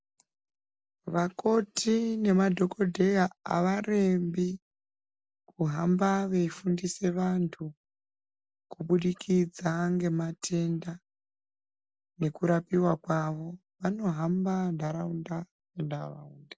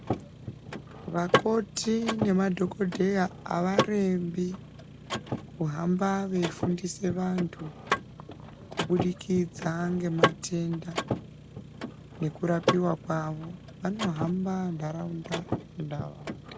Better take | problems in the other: first | background sound (Mechanisms / Car); 4 dB below the speech

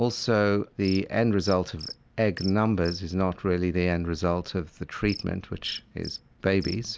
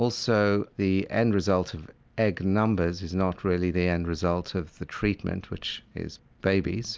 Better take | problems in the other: second | background sound (Cricket); 18 dB below the speech

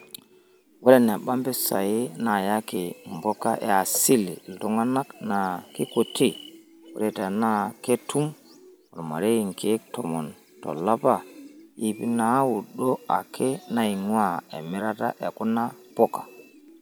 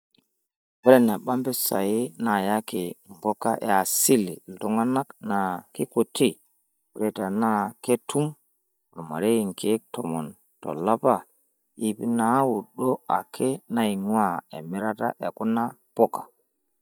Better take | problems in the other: first | noise reduction (neural mask model DeepFilterNet 3)

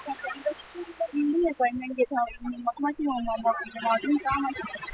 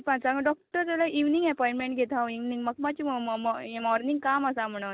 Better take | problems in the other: second | noise reduction (classical method spectral subtraction)

